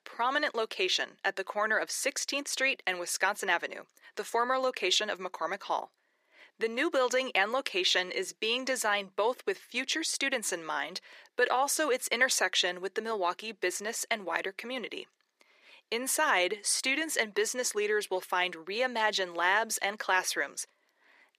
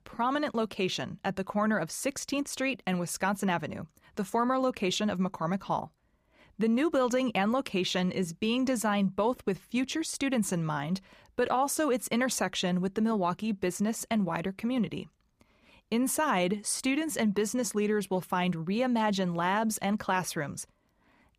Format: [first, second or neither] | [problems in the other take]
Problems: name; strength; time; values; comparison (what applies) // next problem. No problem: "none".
second | thin; very; fading below 350 Hz